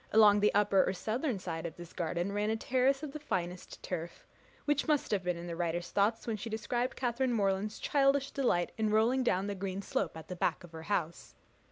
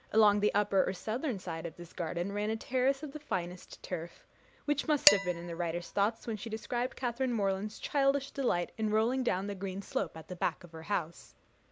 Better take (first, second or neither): first